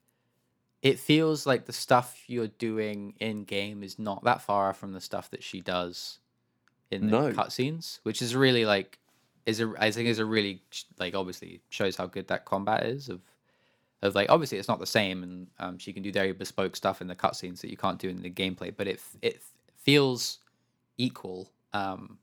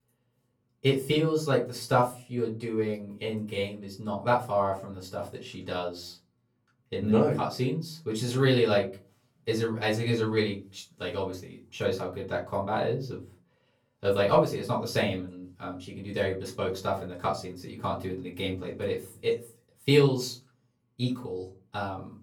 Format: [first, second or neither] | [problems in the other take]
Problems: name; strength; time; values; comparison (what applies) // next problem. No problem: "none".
first | off-mic speech; far // room echo; very slight; dies away in 0.3 s